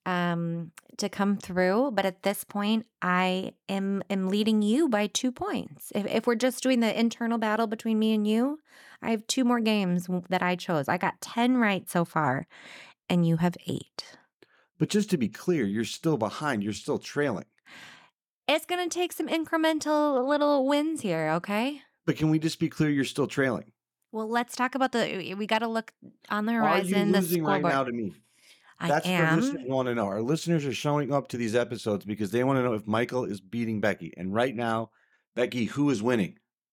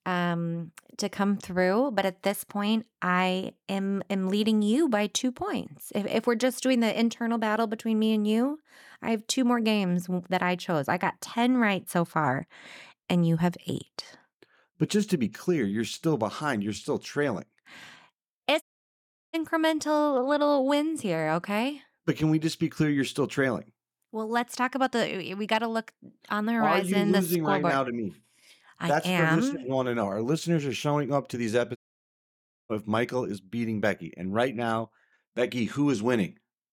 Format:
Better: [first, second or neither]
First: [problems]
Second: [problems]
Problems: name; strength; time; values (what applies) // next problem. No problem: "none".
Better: first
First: none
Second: audio cutting out; at 19 s for 0.5 s and at 32 s for 1 s